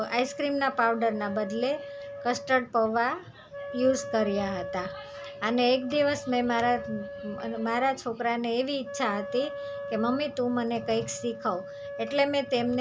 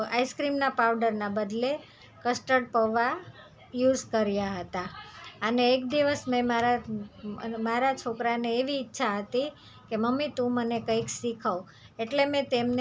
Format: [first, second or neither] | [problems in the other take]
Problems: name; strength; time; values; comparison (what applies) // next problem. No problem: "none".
second | background sound (Wind instrument, woodwind instrument); 11 dB below the speech